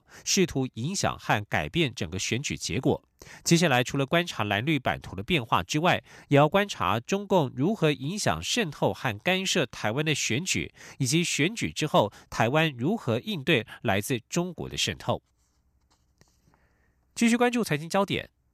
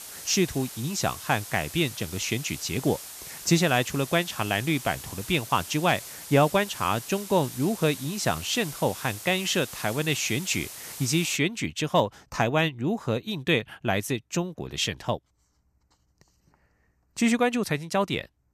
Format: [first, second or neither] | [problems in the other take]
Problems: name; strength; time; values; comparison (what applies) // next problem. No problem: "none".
first | hiss; noticeable; until 11 s; 10 dB below the speech